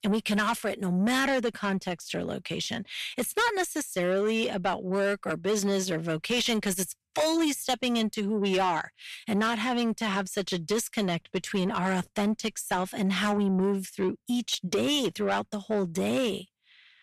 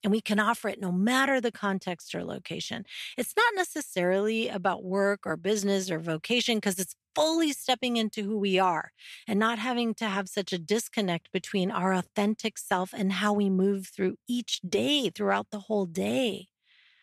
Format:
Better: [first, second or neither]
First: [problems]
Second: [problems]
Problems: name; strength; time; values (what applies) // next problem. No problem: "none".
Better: second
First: distortion; slight; 10 dB below the speech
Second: none